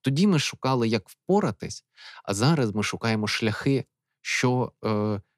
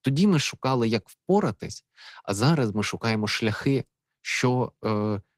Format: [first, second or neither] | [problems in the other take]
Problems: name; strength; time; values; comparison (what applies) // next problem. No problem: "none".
first | garbled, watery; slightly; nothing above 15.5 kHz